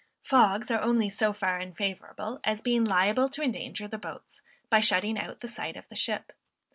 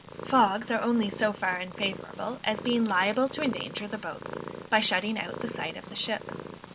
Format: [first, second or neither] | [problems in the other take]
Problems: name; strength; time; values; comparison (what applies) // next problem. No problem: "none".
first | background sound (Purr); 12 dB below the speech